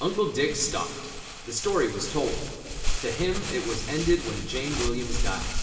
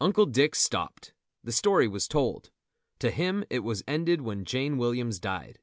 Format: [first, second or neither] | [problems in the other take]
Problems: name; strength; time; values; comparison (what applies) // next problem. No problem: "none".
second | background sound (Crumpling, crinkling); 2 dB below the speech // room echo; dies away in 2.4 s